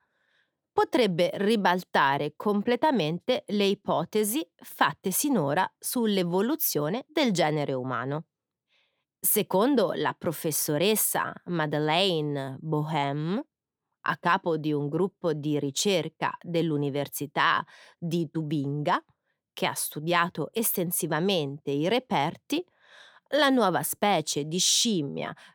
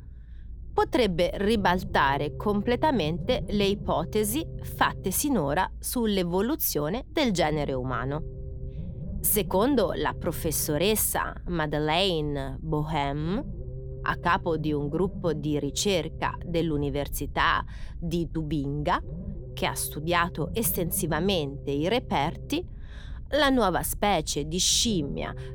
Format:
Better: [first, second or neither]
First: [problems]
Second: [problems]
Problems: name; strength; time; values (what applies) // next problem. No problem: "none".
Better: first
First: none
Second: low rumble; faint; throughout; 20 dB below the speech